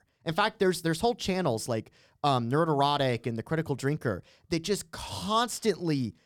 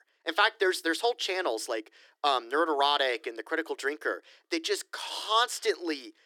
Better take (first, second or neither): first